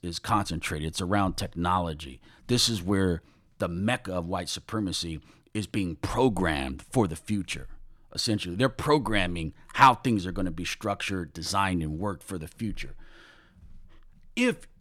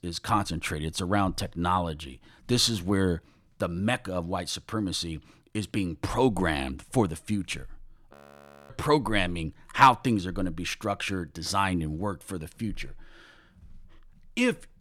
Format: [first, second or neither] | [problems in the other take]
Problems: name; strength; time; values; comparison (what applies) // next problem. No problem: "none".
first | audio freezing; at 8 s for 0.5 s